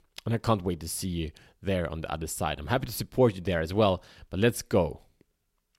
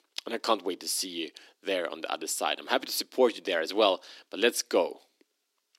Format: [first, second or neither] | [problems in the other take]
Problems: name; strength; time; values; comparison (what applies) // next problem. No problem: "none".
first | thin; somewhat; fading below 300 Hz